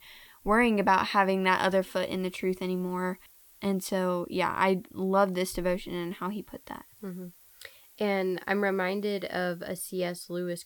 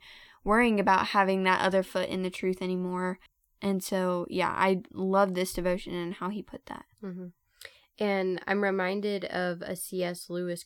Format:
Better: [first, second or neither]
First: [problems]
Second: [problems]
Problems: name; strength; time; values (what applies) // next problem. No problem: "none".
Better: second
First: hiss; faint; throughout; 25 dB below the speech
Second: none